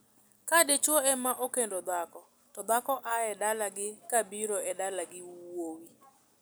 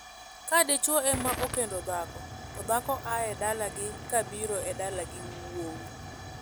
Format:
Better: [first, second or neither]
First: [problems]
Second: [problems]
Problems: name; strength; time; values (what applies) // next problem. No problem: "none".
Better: first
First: none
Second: background sound (Tick / Hiss / Explosion / Fire); 9 dB below the speech